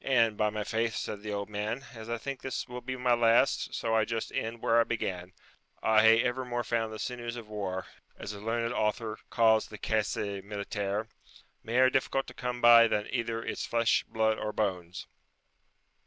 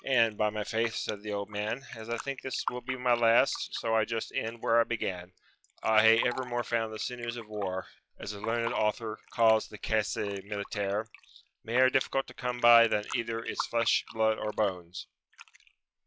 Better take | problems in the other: first | noise reduction (classical method log-MMSE)

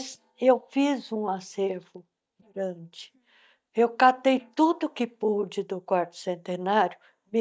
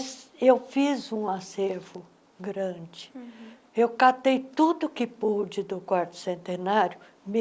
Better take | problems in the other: second | noise reduction (neural mask model DeepFilterNet 3)

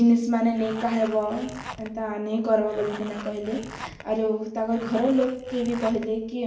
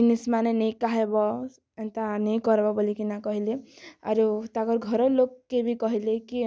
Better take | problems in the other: second | background sound (Zipper (clothing)); 16 dB below the speech // room echo; dies away in 0.9 s

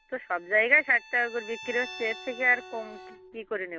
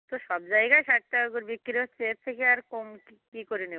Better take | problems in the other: second | background sound (Bowed string instrument + Bowed string instrument); 17 dB below the speech

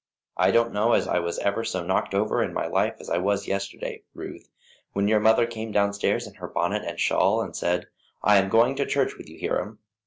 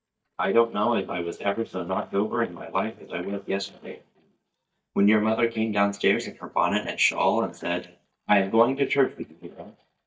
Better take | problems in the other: first | noise reduction (neural mask model DeepFilterNet 3)

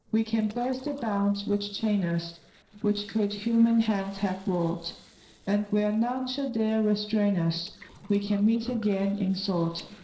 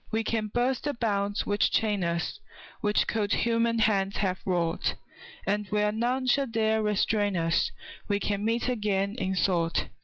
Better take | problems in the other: second | noise reduction (neural separator model SepFormer DNS4)

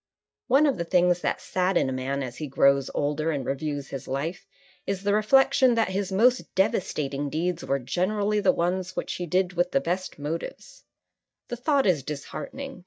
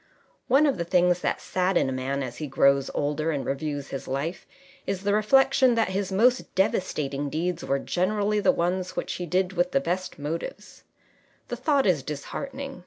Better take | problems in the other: second | noise reduction (neural mask model DeepFilterNet 3)

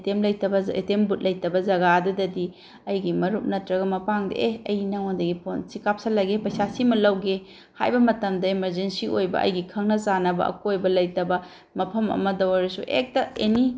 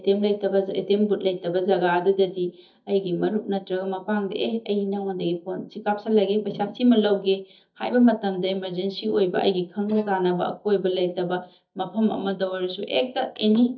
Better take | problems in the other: first | noise reduction (neural mask model DeepFilterNet 3)

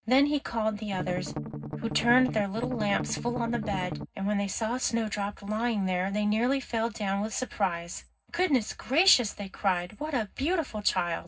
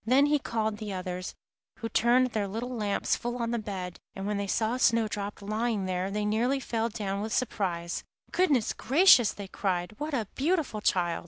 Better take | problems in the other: second | background sound (Strum); 6 dB below the speech // room echo; dies away in 0.4 s

